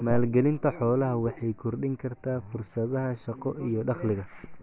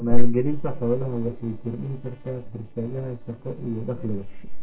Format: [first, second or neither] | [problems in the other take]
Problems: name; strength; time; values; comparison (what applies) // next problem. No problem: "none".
first | noise reduction (neural separator model SepFormer DNS4)